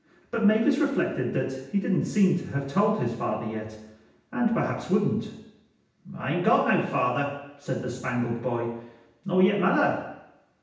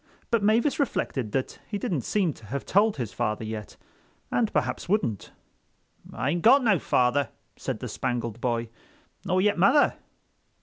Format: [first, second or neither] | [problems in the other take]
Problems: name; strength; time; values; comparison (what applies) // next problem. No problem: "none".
second | room echo; dies away in 0.9 s